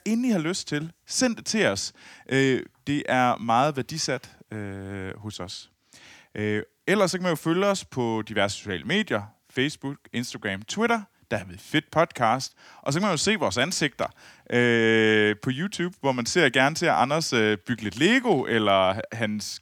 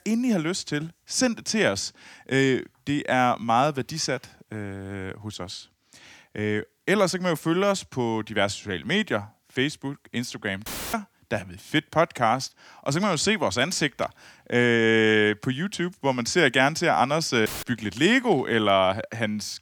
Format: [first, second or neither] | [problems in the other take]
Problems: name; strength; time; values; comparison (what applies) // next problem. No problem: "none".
first | audio cutting out; filled with static; at 11 s and at 17 s